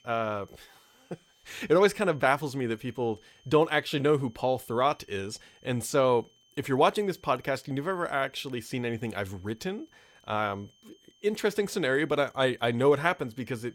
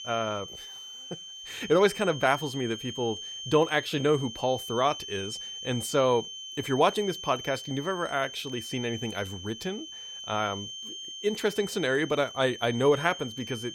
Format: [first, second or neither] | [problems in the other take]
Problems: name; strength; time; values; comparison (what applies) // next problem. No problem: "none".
first | high-pitched whine; loud; throughout; 3 kHz, 10 dB below the speech; faint in the first